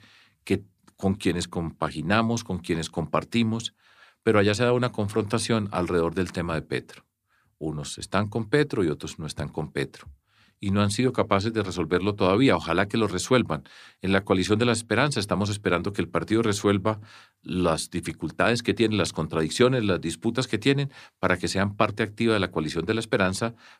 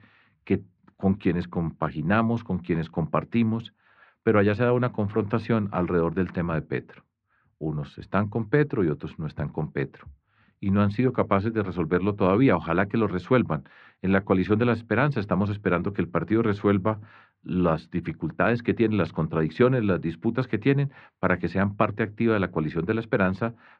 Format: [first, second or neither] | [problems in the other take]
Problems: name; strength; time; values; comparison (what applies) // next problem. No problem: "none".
first | muffled; very; fading above 2.5 kHz